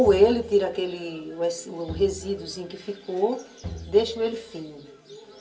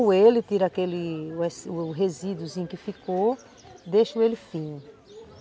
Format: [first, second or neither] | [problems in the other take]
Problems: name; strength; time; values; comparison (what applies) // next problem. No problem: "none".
second | background sound (Bowed string instrument); 16 dB below the speech // room echo; dies away in 0.3 s